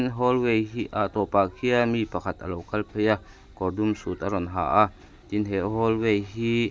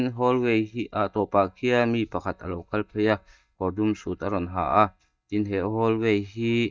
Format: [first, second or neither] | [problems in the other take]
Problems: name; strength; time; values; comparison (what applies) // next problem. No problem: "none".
first | noise reduction (neural mask model DeepFilterNet 3)